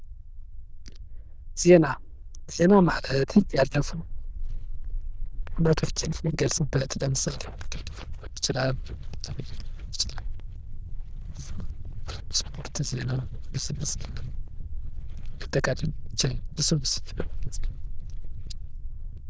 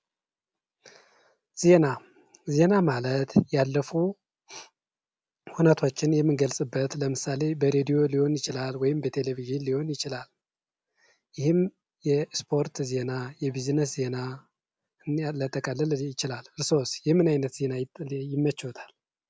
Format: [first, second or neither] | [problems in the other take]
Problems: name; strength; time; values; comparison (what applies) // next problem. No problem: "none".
second | noise reduction (neural diffusion model UNIVERSE++)